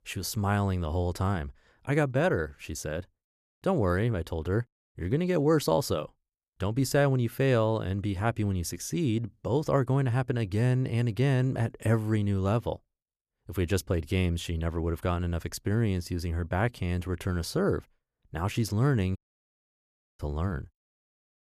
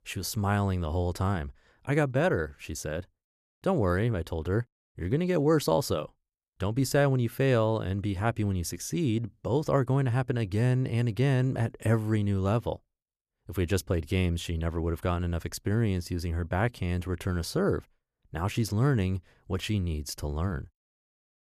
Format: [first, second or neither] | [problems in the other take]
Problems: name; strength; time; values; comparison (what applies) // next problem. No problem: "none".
second | audio cutting out; at 19 s for 1 s